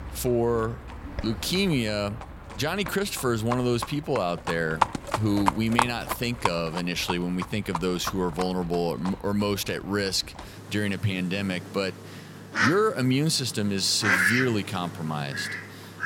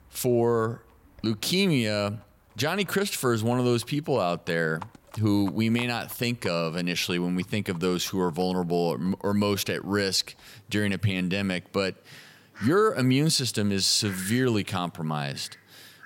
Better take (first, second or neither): second